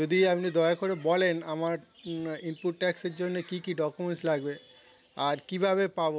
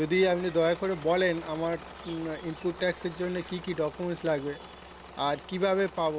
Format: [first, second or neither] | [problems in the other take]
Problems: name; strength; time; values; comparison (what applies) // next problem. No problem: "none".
first | background sound (Engine / Mechanisms); 16 dB below the speech